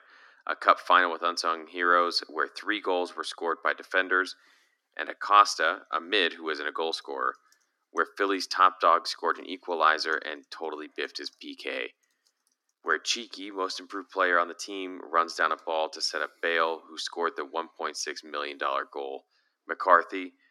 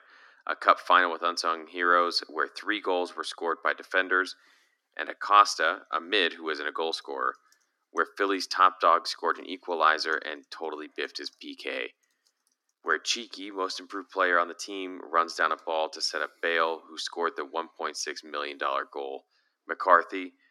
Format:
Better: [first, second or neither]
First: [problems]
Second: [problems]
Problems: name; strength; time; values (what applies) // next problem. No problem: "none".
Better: neither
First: thin; very; fading below 250 Hz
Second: thin; very; fading below 250 Hz